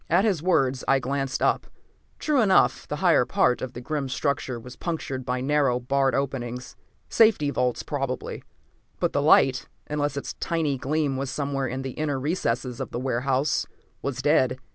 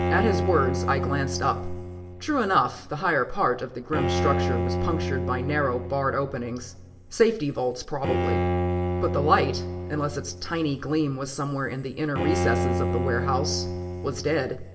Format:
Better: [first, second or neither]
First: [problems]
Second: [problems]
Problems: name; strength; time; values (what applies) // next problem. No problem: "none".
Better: first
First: none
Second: background sound (Bowed string instrument); 2 dB below the speech // room echo; dies away in 2.2 s